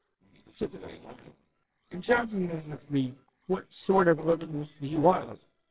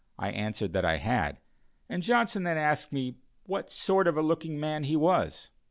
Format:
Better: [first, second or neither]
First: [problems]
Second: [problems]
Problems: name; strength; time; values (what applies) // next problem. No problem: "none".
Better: second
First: noise reduction (neural separator model SepFormer WHAMR!)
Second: none